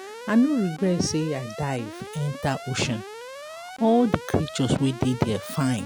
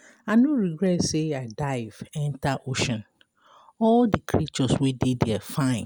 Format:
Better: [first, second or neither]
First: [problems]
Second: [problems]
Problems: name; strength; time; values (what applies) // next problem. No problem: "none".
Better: second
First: background sound (Alarm); 14 dB below the speech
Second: none